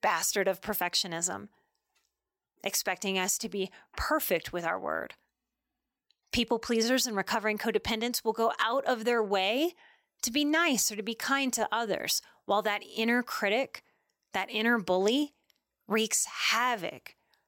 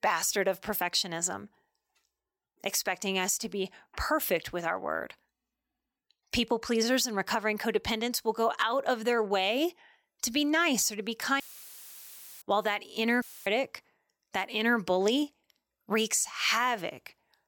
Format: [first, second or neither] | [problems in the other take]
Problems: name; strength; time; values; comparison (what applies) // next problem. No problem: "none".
first | audio cutting out; filled with static; at 11 s for 1 s and at 13 s